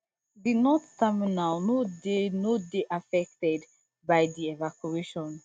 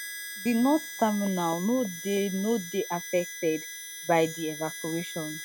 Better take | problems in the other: first | background sound (Harmonica); 11 dB below the speech

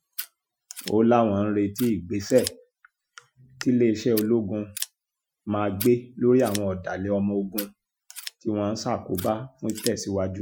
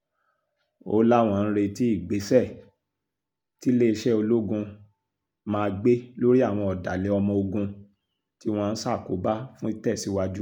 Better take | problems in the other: second | noise reduction (classical method Wiener filter)

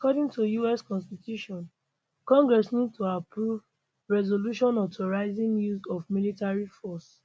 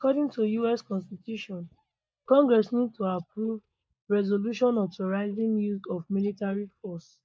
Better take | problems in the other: first | noise reduction (neural mask model DeepFilterNet 3)

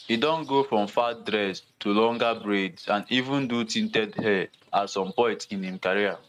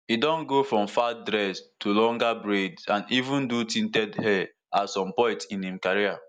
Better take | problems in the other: second | noise reduction (neural mask model RNNoise)

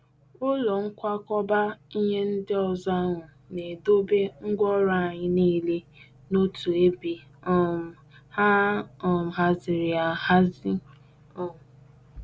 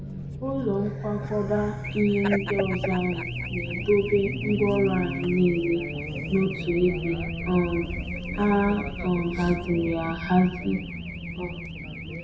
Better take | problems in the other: first | background sound (Race car, auto racing / Alarm); 6 dB below the speech // room echo; dies away in 0.6 s

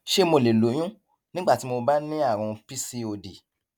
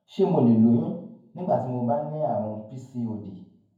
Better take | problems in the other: first | room echo; dies away in 0.9 s

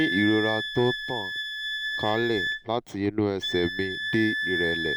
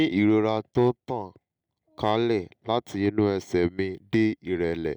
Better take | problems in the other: second | background sound (Wind instrument, woodwind instrument); 3 dB below the speech

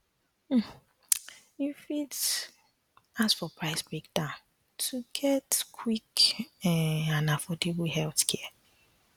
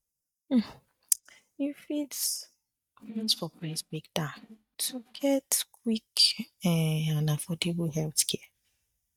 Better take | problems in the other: first | noise reduction (neural mask model DeepFilterNet 3)

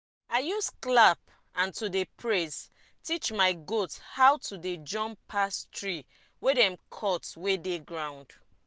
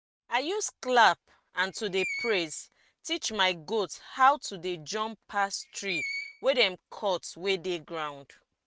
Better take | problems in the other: first | noise reduction (neural mask model RNNoise)

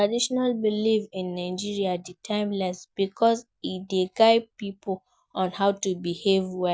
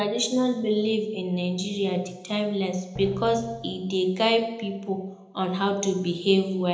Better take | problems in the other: first | background sound (Drum); 11 dB below the speech // room echo; dies away in 0.8 s

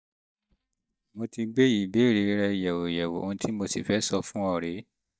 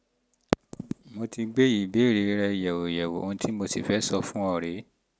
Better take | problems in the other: second | noise reduction (neural mask model DeepFilterNet 3)

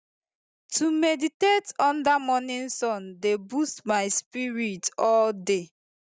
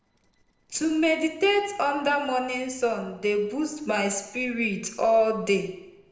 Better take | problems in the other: first | noise reduction (neural separator model SepFormer DNS4)

